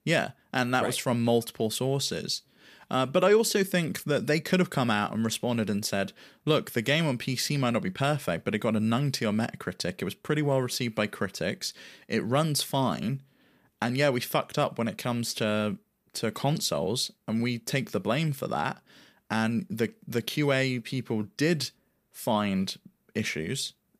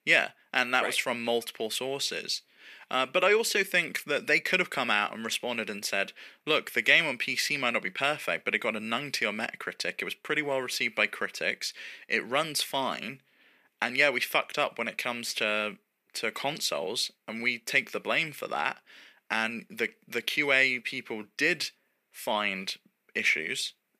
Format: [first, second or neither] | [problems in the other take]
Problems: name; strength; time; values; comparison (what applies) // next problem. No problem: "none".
first | thin; somewhat; fading below 350 Hz